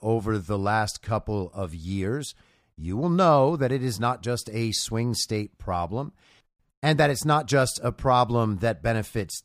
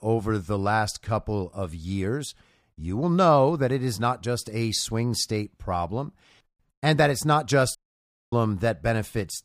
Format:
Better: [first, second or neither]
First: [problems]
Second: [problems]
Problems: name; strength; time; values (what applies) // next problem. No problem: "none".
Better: first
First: none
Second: audio cutting out; at 8 s for 0.5 s